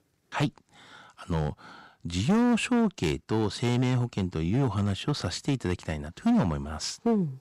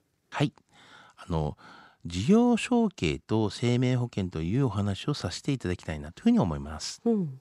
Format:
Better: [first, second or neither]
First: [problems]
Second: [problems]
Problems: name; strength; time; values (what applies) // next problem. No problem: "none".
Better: second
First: distortion; slight; 7% of the sound clipped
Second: none